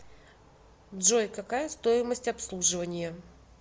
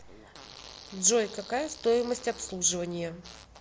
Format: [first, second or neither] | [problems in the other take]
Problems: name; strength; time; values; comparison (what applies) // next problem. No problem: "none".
first | background sound (Fart); 19 dB below the speech